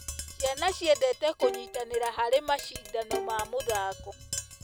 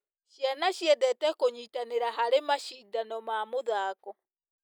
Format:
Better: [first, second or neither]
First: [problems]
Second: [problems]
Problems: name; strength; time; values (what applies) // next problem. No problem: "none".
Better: second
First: background sound (Tap + Bowed string instrument); 9 dB below the speech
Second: none